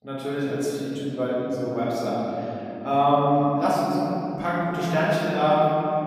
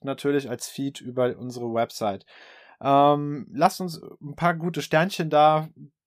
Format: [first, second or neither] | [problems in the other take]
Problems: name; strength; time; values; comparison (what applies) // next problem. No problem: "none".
second | room echo; strong; dies away in 3 s // off-mic speech; far